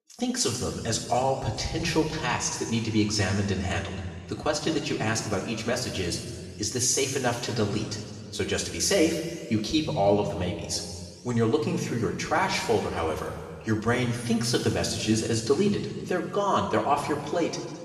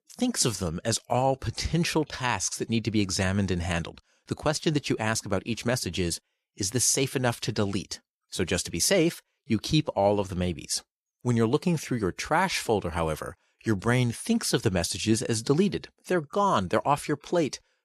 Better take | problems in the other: second | room echo; noticeable; dies away in 2 s // off-mic speech; far

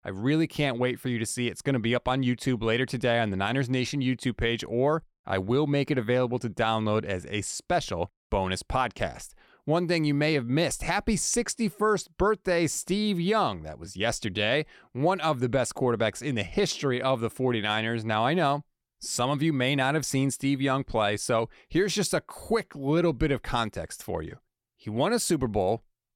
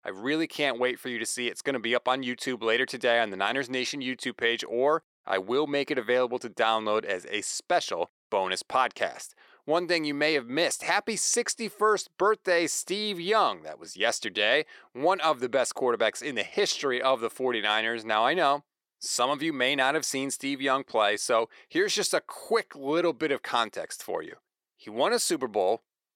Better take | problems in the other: first | thin; somewhat; fading below 450 Hz

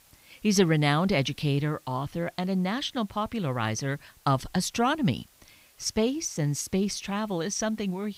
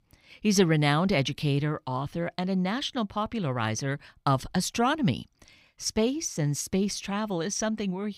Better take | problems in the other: second | hiss; faint; throughout; 30 dB below the speech

